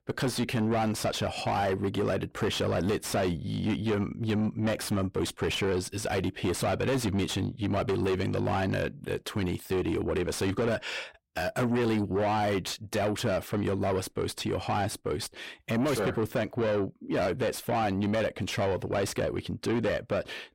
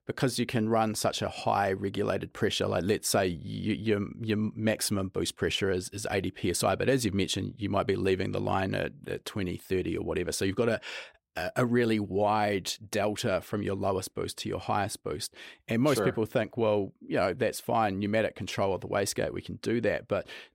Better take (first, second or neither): second